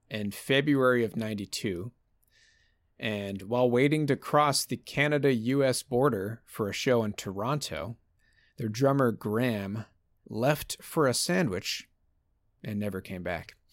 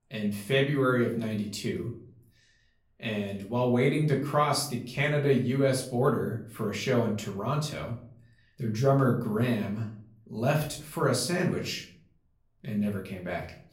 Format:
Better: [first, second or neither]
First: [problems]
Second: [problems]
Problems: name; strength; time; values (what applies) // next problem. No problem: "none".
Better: first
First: none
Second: off-mic speech; far // room echo; slight; dies away in 0.4 s